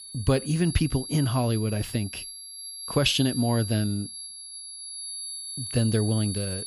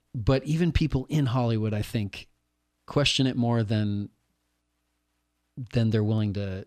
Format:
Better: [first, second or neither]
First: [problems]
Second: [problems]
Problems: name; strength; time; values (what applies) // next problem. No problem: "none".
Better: second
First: high-pitched whine; loud; throughout; 11 kHz, 9 dB below the speech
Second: none